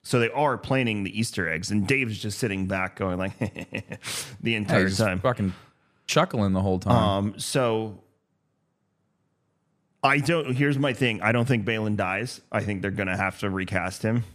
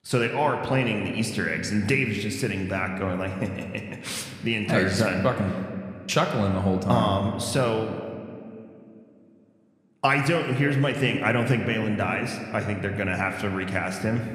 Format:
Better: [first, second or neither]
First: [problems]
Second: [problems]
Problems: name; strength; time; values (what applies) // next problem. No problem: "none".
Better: first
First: none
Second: room echo; slight; dies away in 1.8 s